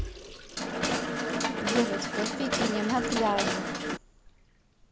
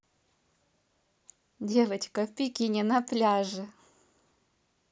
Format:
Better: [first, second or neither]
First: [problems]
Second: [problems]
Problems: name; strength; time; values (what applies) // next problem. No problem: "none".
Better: second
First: background sound (Mechanisms + Sink (filling or washing) / Water tap, faucet); 1 dB above the speech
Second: none